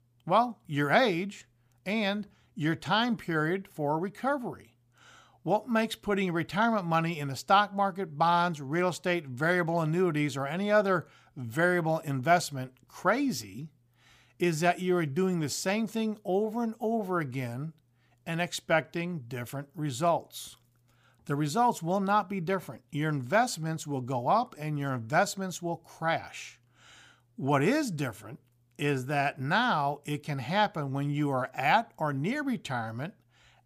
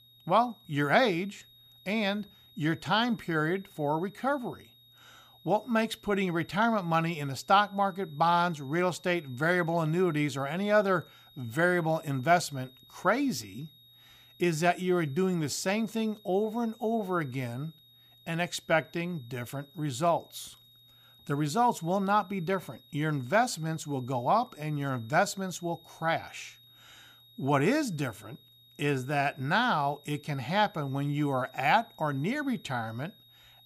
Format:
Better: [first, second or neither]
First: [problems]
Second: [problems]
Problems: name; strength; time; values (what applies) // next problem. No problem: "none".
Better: first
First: none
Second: high-pitched whine; faint; throughout; 3.5 kHz, 25 dB below the speech